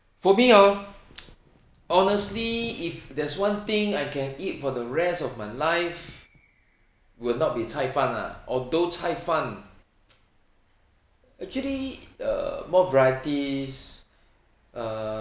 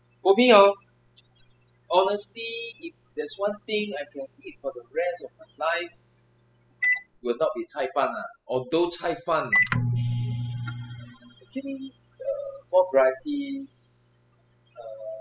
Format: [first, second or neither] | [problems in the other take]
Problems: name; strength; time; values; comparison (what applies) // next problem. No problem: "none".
first | noise reduction (classical method spectral subtraction)